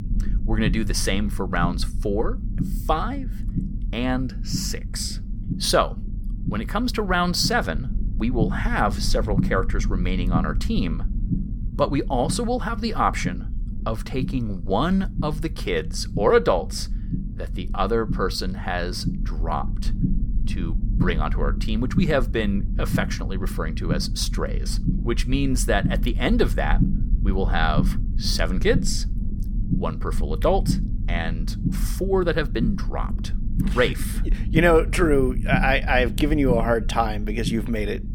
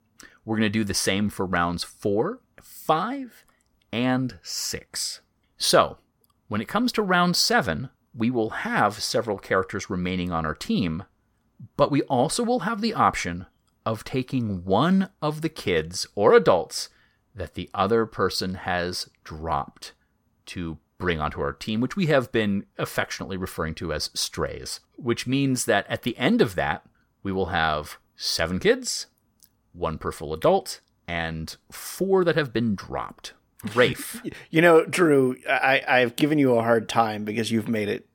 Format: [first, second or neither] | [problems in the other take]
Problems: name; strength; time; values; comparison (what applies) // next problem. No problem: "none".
second | low rumble; noticeable; throughout; 15 dB below the speech